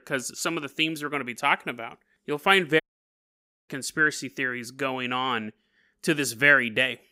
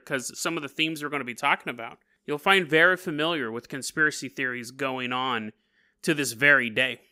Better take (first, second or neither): second